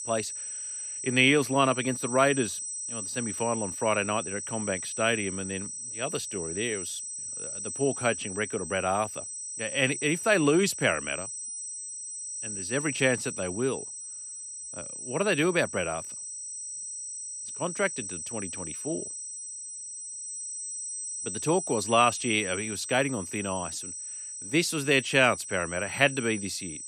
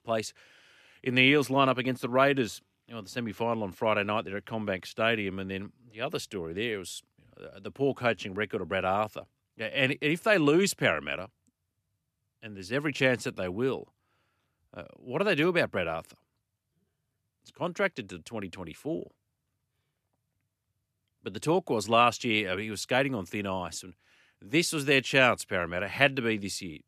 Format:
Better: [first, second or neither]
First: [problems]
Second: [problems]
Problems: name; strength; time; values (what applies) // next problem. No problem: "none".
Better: second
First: high-pitched whine; loud; throughout; 8 kHz, 7 dB below the speech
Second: none